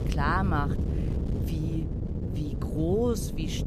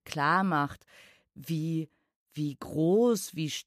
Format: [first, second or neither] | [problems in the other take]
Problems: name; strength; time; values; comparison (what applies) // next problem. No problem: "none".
second | wind noise on the microphone; heavy; 9 dB below the speech